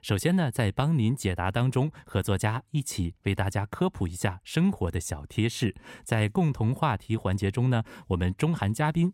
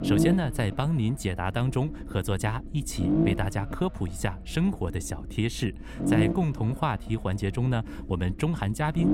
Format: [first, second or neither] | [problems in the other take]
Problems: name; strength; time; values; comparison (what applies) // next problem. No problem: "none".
first | low rumble; loud; throughout; 2 dB below the speech